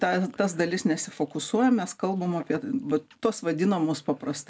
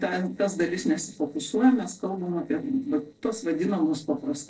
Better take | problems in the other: first | noise reduction (neural separator model SepFormer DNS4)

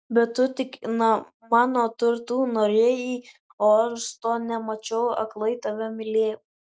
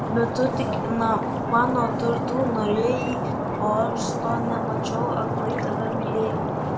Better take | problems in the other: first | background sound (Stream); 1 dB above the speech // room echo; dies away in 0.5 s

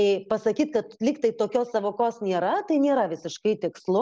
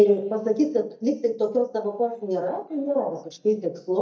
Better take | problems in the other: first | noise reduction (neural mask model DeepFilterNet 3)

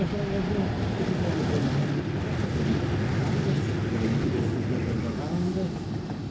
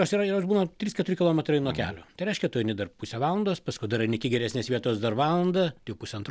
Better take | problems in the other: second | background sound (Vehicle); 5 dB above the speech // room echo; dies away in 0.4 s

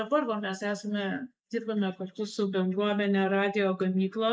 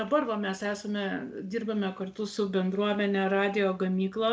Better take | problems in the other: second | noise reduction (neural mask model Resemble Enhance denoiser)

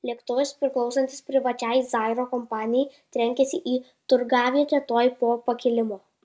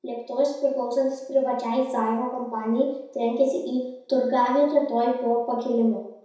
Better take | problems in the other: first | room echo; dies away in 0.7 s

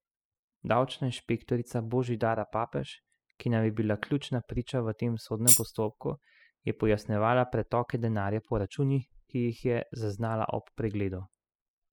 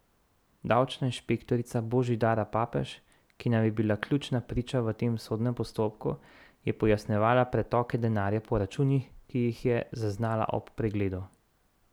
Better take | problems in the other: second | noise reduction (classical method spectral subtraction)

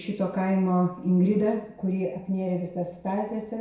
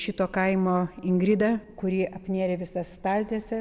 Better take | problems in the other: second | room echo; dies away in 0.6 s

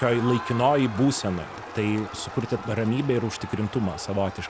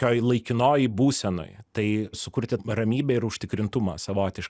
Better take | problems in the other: second | background sound (Crowd); 12 dB below the speech

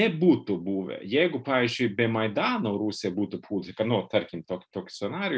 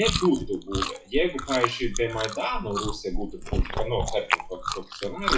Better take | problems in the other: first | noise reduction (classical method WPE with log-MMSE)

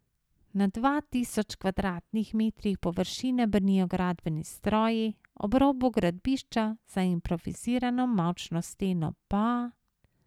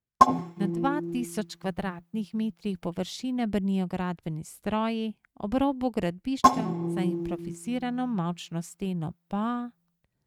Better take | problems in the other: first | noise reduction (neural mask model RNNoise)

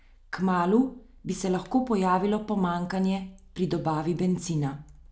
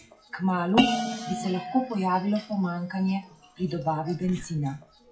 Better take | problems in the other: first | noise reduction (classical method WPE with log-MMSE)

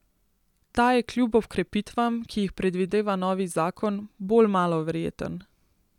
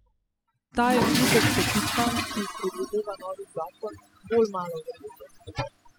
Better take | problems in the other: first | noise reduction (classical method spectral subtraction)

